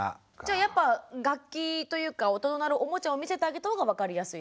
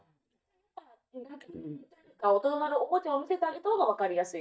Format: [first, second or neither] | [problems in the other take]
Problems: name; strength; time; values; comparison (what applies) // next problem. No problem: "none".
first | noise reduction (neural mask model DeepFilterNet 3)